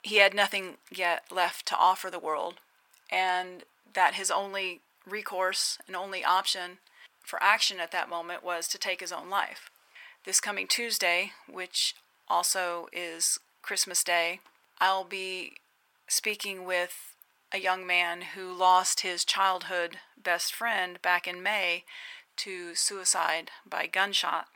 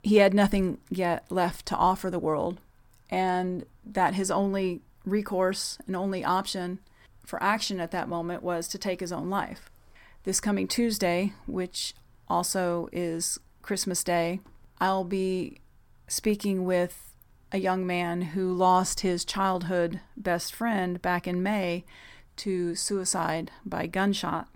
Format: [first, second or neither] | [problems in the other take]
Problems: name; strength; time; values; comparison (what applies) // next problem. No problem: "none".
second | thin; very; fading below 800 Hz